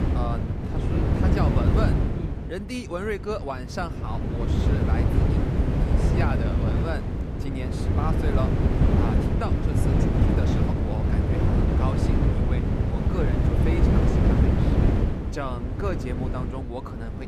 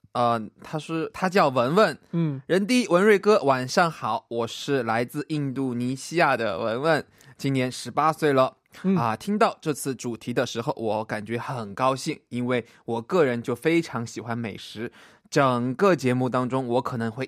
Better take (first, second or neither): second